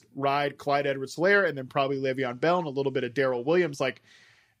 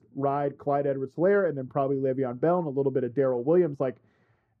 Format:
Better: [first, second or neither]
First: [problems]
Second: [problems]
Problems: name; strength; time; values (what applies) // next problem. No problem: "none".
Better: first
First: none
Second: muffled; very; fading above 1.5 kHz